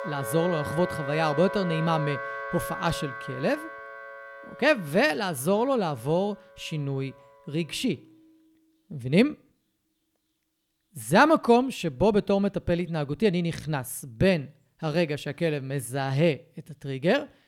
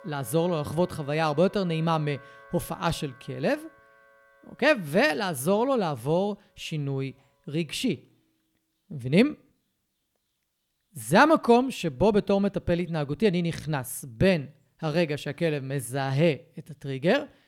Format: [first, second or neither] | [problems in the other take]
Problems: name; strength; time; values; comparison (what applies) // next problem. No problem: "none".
second | background music; loud; throughout; 10 dB below the speech; faint in the second